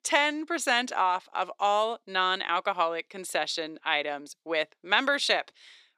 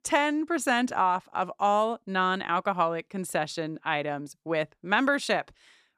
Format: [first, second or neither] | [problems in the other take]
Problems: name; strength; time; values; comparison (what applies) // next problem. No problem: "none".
second | thin; somewhat; fading below 400 Hz